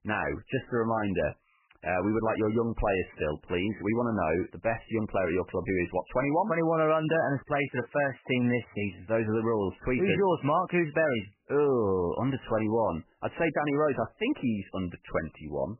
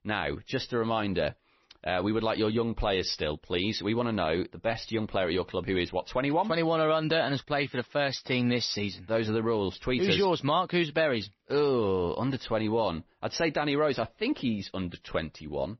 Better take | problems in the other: second | garbled, watery; badly; nothing above 3 kHz; slightly in the second

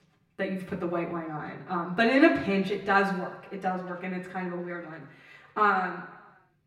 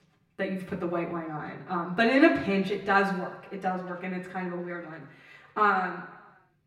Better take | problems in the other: neither | room echo; slight; dies away in 1 s; the same in both // off-mic speech; far; the same in both

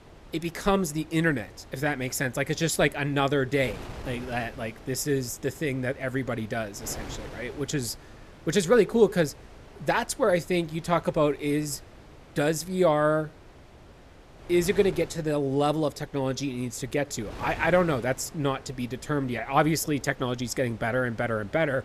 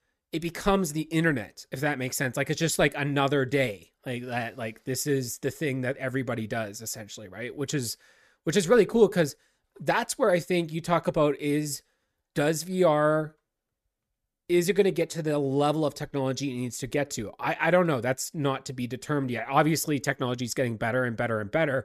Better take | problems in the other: second | wind noise on the microphone; occasional gusts; 20 dB below the speech

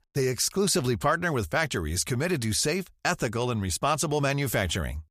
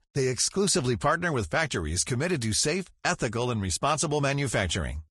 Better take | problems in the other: first | garbled, watery; slightly; nothing above 10 kHz

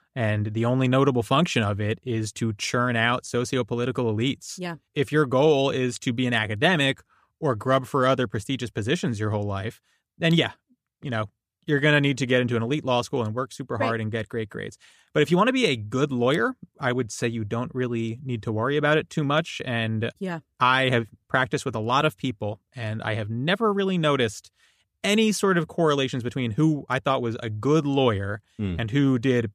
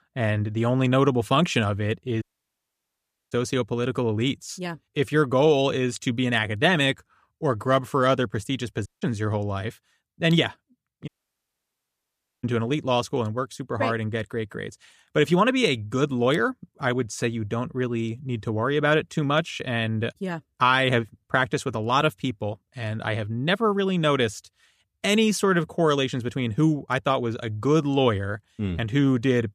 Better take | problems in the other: first | audio cutting out; at 2 s for 1 s, at 9 s and at 11 s for 1.5 s

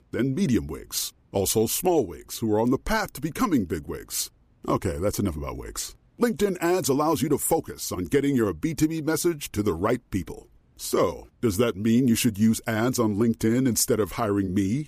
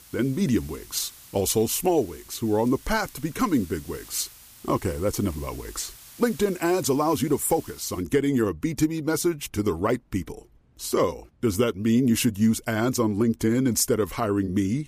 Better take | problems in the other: first | hiss; faint; until 8 s; 20 dB below the speech

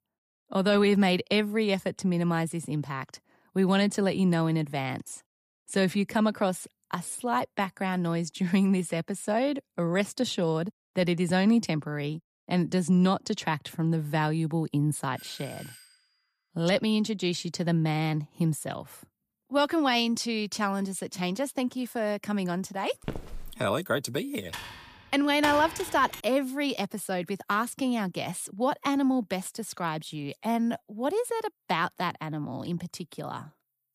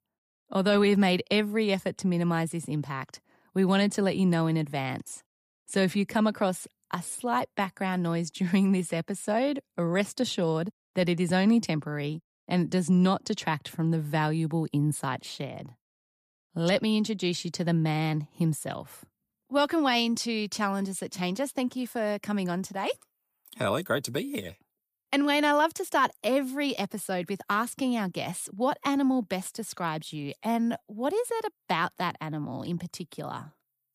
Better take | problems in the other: second | doorbell; faint; at 15 s; peak 15 dB below the speech // footsteps; faint; at 23 s; peak 10 dB below the speech // keyboard typing; noticeable; from 25 to 26 s; peak 5 dB below the speech

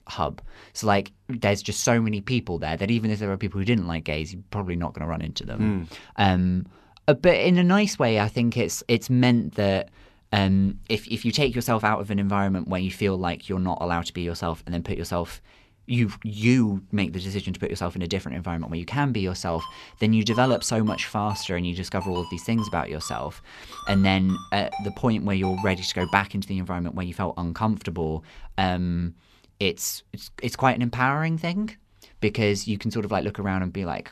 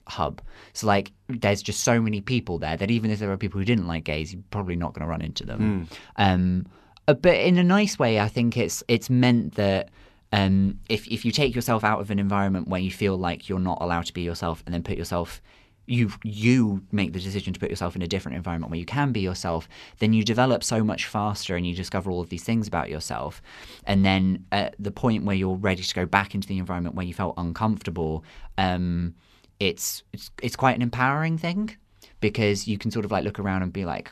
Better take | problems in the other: second | phone ringing; noticeable; from 20 to 26 s; peak 10 dB below the speech

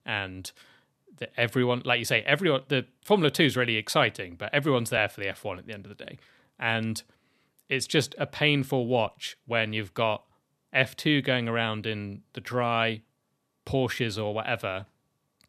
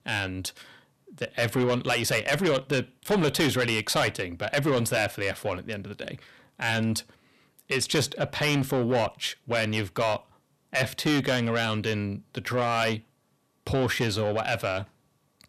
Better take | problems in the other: first | distortion; heavy; 6 dB below the speech

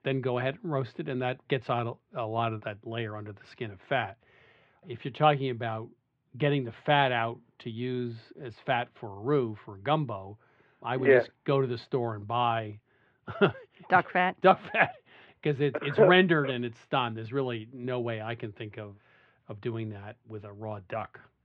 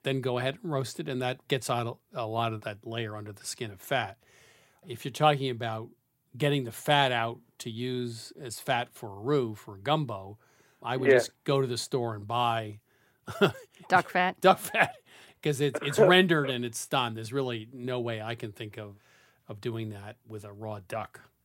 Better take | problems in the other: second | muffled; very; fading above 3 kHz

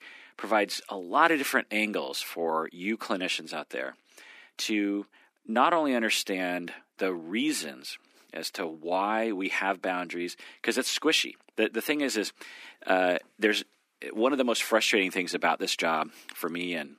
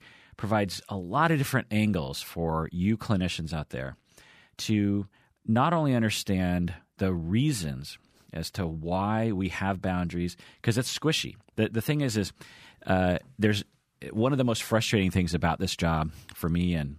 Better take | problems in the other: second | thin; somewhat; fading below 250 Hz

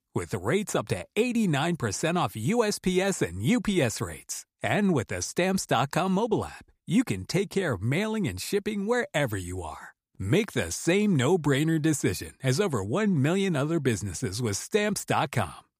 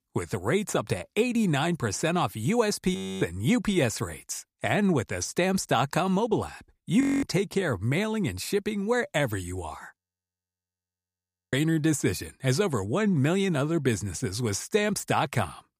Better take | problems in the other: first | audio freezing; at 3 s, at 7 s and at 10 s for 1.5 s

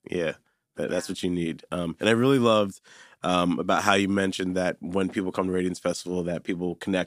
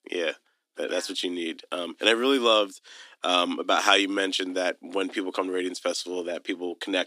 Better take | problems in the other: first | thin; very slightly; fading below 300 Hz

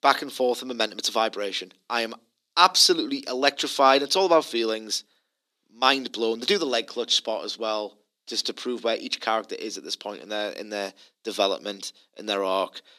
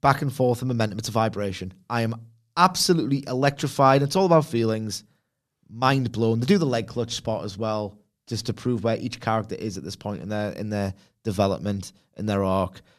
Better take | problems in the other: second | thin; somewhat; fading below 300 Hz

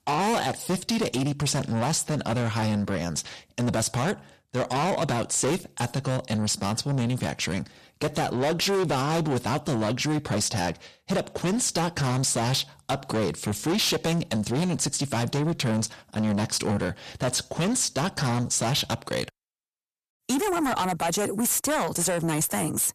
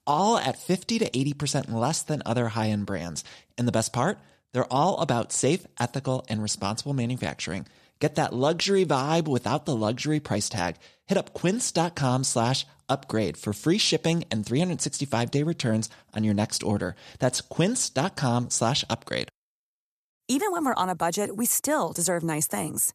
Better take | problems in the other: second | distortion; heavy; 6 dB below the speech

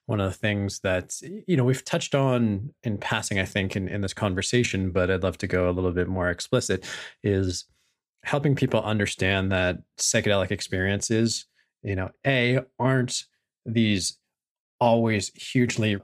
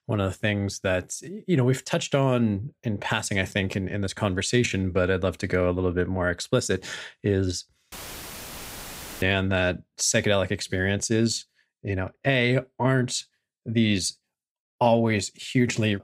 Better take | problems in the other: first | audio cutting out; filled with static; at 8 s for 1.5 s

